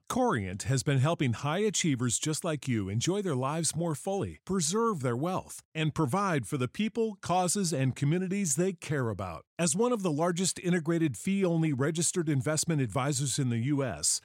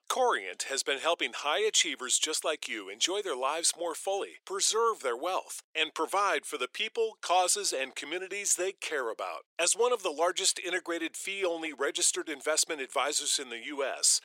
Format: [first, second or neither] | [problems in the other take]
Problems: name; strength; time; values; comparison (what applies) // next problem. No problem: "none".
first | thin; very; fading below 400 Hz